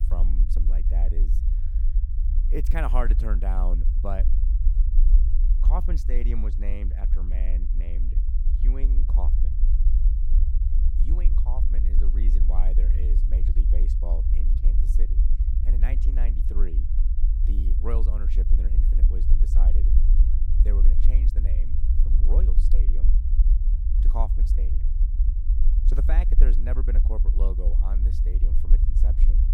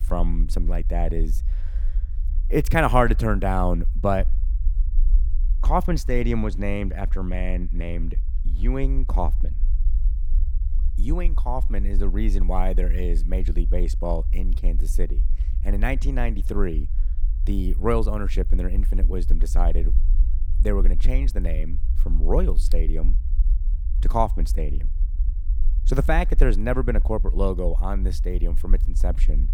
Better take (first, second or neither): second